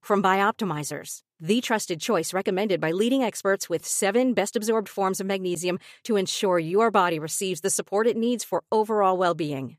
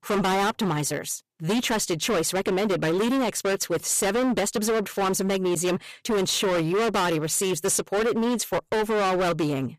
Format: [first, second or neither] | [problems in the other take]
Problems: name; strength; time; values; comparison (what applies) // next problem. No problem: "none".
first | distortion; heavy; 28% of the sound clipped